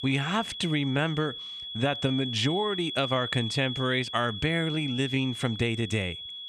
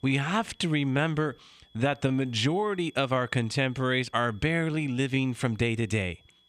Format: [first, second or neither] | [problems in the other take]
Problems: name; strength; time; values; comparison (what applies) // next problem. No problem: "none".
second | high-pitched whine; loud; throughout; 3.5 kHz, 6 dB below the speech; faint in the second